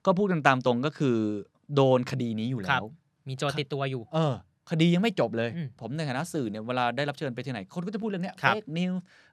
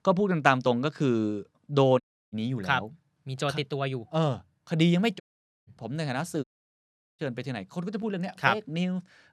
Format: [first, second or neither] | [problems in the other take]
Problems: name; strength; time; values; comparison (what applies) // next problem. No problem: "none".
first | audio cutting out; at 2 s, at 5 s and at 6.5 s for 1 s